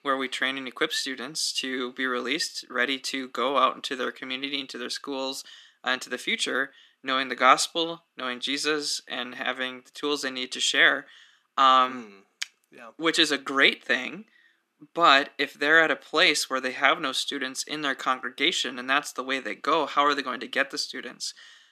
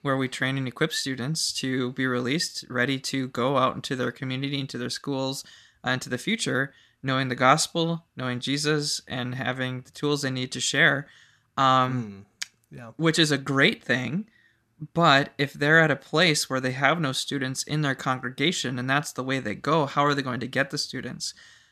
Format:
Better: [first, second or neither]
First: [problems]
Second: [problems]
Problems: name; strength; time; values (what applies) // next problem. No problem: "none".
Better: second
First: thin; somewhat; fading below 300 Hz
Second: none